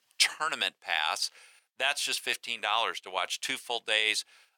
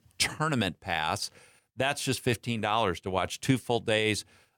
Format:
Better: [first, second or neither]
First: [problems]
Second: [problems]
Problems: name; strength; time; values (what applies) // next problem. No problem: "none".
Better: second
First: thin; very; fading below 800 Hz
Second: none